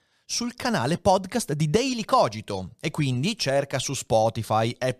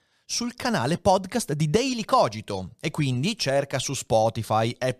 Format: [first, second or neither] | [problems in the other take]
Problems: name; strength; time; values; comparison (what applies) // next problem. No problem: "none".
neither | none